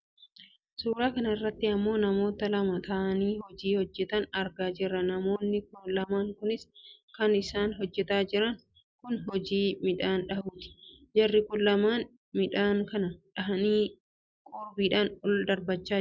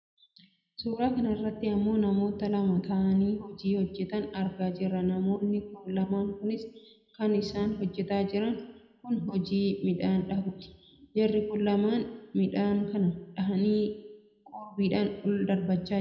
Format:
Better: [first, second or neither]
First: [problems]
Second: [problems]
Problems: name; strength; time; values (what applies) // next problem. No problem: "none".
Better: first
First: none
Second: room echo; dies away in 0.7 s